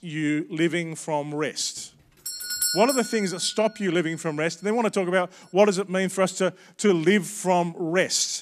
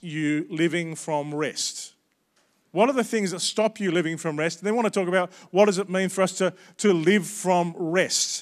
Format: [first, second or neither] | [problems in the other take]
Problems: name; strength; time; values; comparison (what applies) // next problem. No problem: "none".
second | doorbell; loud; at 2.5 s; peak level with the speech